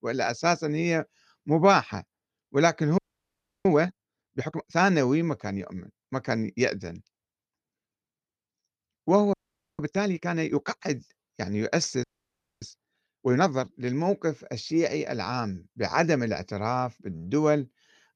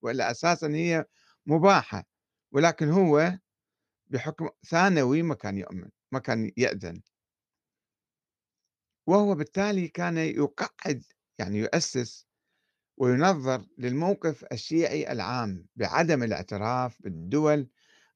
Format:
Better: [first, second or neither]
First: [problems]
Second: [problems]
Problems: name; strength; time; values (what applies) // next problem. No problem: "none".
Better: second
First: audio freezing; at 3 s for 0.5 s, at 9.5 s and at 12 s for 0.5 s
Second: none